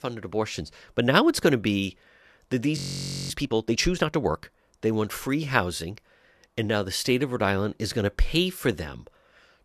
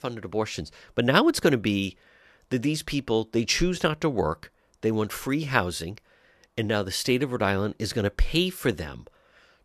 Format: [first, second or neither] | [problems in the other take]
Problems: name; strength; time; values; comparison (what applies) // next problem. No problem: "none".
second | audio freezing; at 3 s for 0.5 s